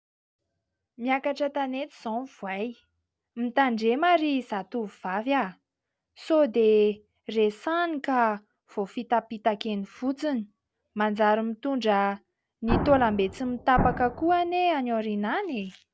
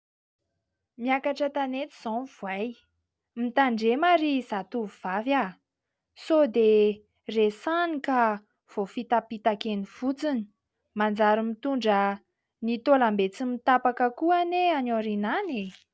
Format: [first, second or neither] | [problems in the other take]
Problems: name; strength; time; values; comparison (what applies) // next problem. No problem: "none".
second | background sound (Explosion); 4 dB below the speech